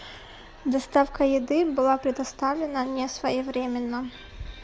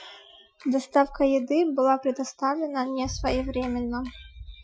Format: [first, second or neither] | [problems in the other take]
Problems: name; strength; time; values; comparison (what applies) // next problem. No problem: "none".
first | noise reduction (classical method Wiener filter)